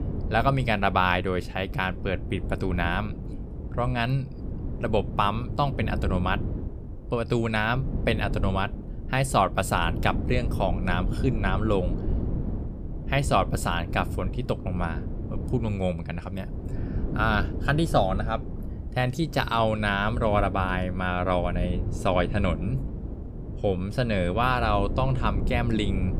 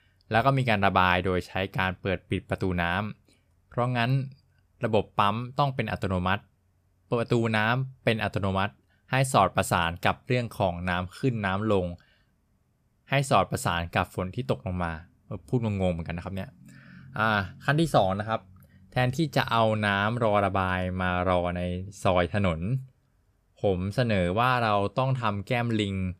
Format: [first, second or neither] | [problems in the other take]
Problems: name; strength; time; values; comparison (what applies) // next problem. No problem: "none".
second | wind noise on the microphone; occasional gusts; 15 dB below the speech